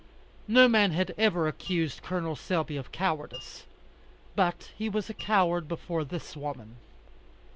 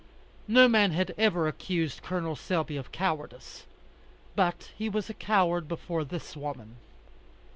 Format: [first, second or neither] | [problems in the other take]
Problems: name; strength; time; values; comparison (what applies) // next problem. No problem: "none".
second | background sound (Mallet percussion); 19 dB below the speech